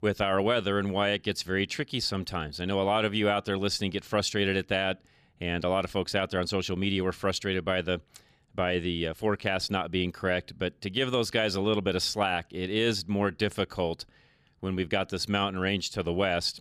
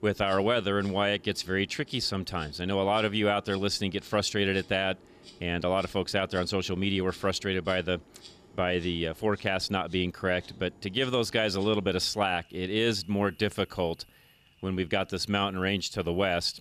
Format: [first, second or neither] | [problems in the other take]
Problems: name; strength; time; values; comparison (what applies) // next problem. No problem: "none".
first | animal sounds; faint; throughout; 25 dB below the speech